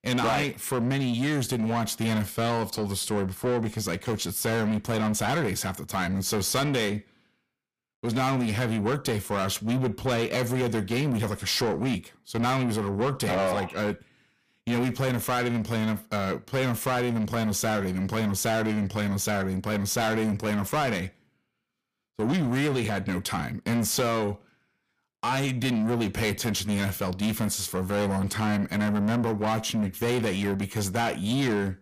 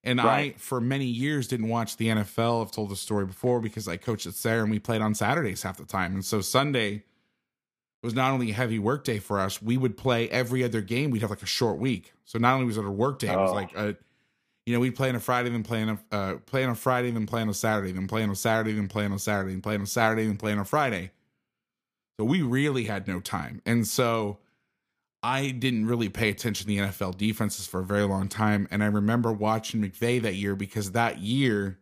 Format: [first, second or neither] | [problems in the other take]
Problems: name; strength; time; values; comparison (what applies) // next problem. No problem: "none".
second | distortion; heavy; 7 dB below the speech